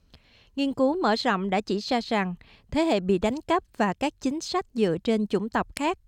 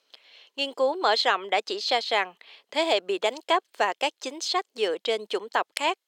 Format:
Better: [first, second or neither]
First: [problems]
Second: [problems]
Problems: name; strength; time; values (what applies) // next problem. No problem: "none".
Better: first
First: none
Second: thin; very; fading below 450 Hz